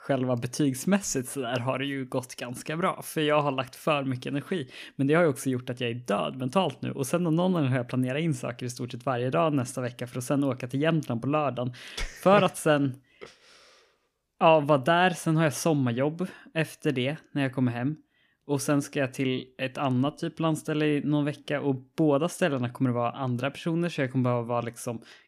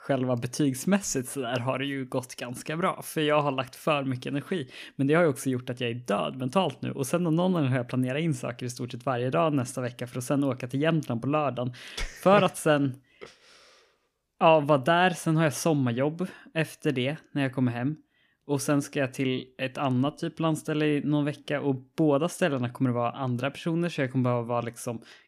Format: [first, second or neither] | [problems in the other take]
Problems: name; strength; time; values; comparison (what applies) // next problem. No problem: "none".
neither | none